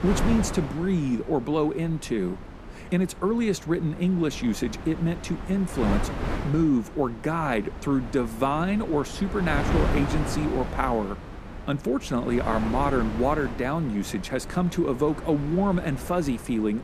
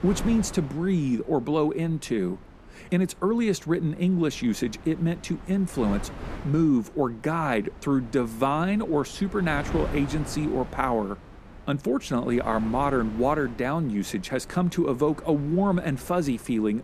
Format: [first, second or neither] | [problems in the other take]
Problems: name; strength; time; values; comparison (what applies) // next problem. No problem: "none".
second | wind noise on the microphone; heavy; 9 dB below the speech; occasional gusts in the second